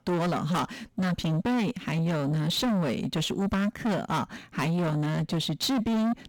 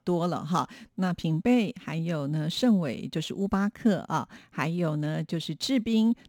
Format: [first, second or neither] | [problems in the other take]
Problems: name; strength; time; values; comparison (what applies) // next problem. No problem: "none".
second | distortion; heavy; 6 dB below the speech